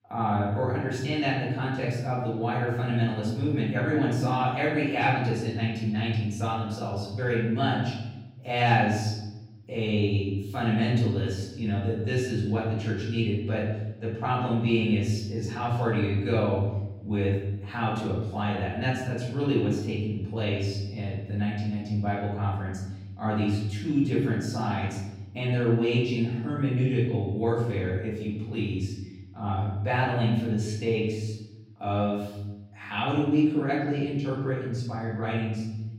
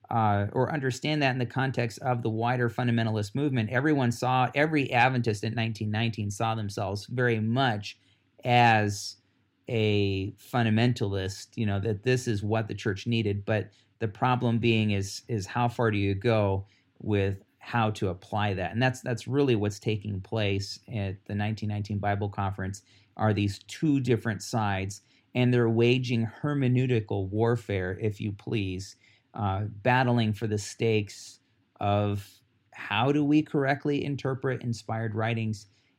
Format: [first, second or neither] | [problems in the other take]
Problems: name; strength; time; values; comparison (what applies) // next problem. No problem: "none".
second | off-mic speech; far // room echo; noticeable; dies away in 1 s